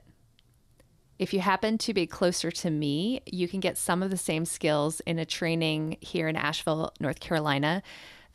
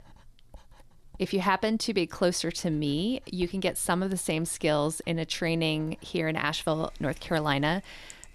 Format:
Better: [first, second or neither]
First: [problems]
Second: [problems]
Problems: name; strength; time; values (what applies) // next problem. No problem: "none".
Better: first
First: none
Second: household noises; faint; throughout; 30 dB below the speech